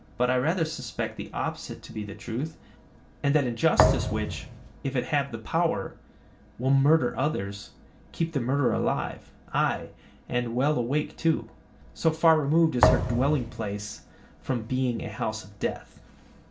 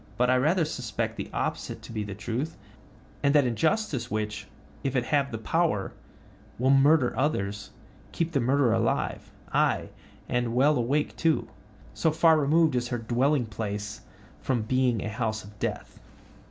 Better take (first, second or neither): second